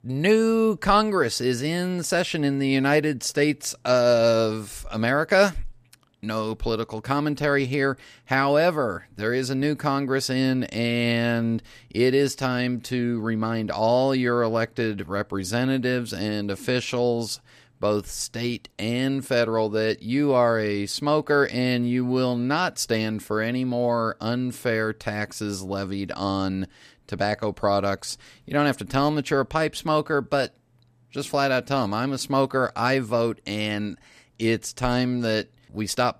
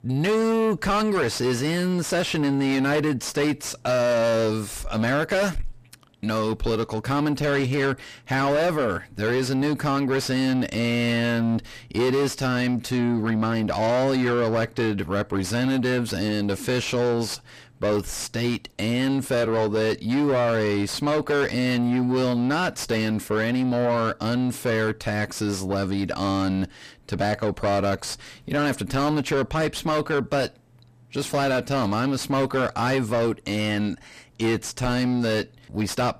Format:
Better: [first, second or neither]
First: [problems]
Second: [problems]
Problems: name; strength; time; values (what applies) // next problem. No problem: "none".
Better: first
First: none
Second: distortion; heavy; 8 dB below the speech